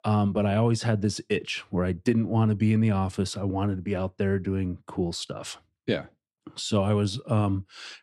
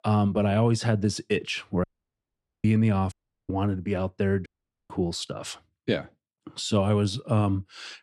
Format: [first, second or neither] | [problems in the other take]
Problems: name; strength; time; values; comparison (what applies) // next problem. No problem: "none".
first | audio cutting out; at 2 s for 1 s, at 3 s and at 4.5 s